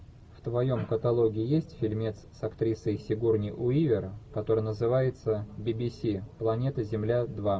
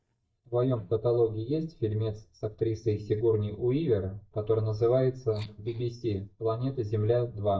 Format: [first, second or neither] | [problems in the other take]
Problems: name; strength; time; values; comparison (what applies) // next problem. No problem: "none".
first | noise reduction (neural mask model DeepFilterNet 3)